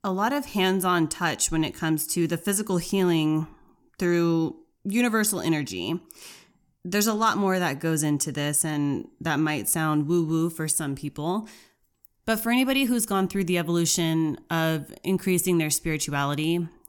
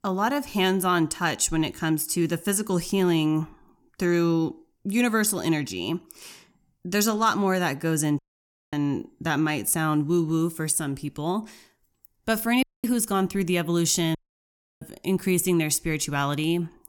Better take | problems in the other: first | audio cutting out; at 8 s for 0.5 s, at 13 s and at 14 s for 0.5 s

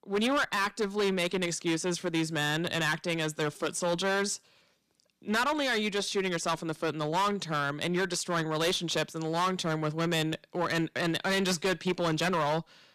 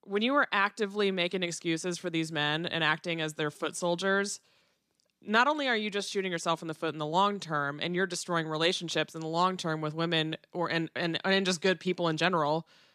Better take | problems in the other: second | distortion; heavy; 11% of the sound clipped

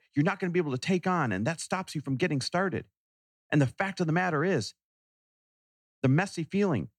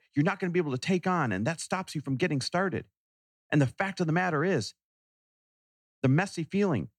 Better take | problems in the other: neither | none

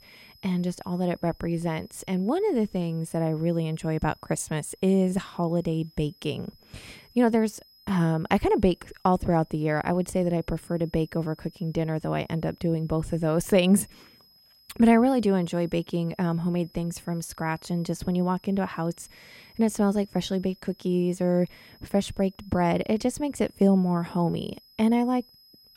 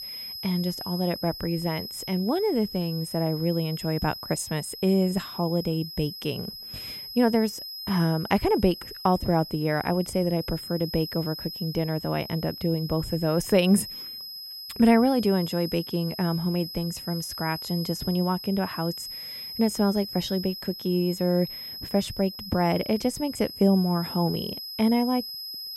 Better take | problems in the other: first | high-pitched whine; loud; throughout; 5 kHz, 9 dB below the speech; faint in the first

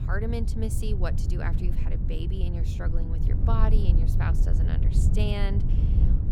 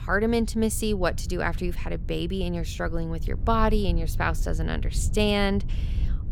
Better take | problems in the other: second | low rumble; loud; throughout; 4 dB below the speech; faint in the second

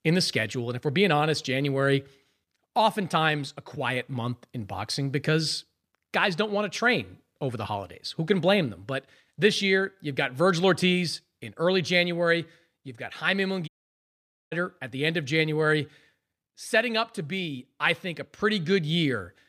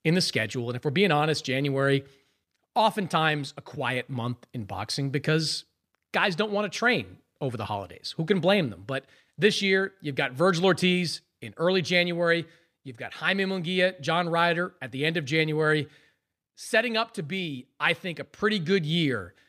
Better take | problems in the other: second | audio cutting out; at 14 s for 1 s

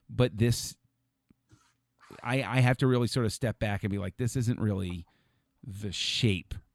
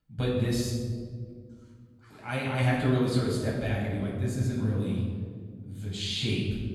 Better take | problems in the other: first | off-mic speech; far // room echo; noticeable; dies away in 1.7 s

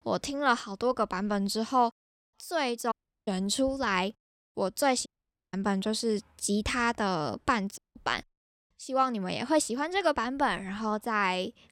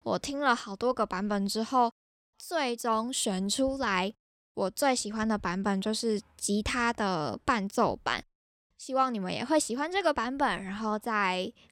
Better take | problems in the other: second | audio cutting out; at 3 s, at 5 s and at 8 s

